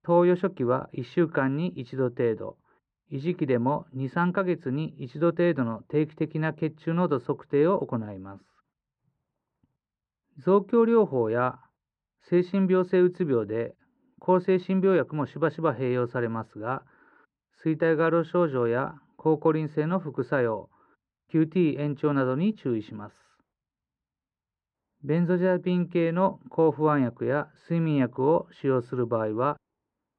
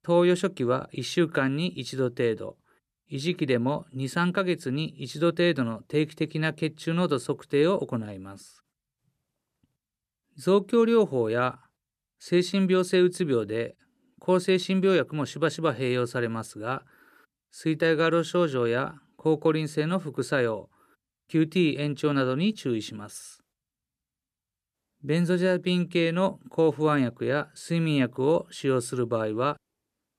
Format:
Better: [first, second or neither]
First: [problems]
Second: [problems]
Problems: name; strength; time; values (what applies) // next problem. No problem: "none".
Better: second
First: muffled; very; fading above 1.5 kHz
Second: none